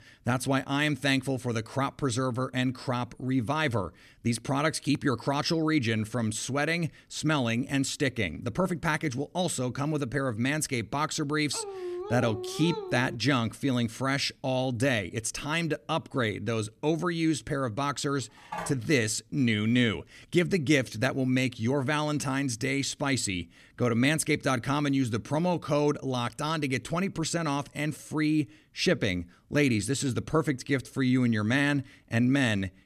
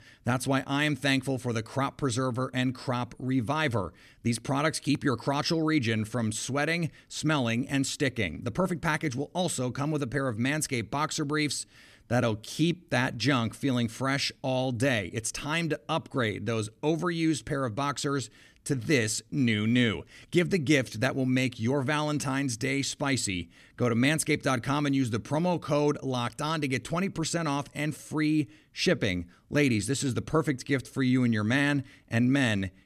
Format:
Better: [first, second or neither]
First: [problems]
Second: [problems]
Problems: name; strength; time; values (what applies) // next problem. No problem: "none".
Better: second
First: dog barking; noticeable; from 12 to 13 s; peak 8 dB below the speech // phone ringing; noticeable; at 19 s; peak 10 dB below the speech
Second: none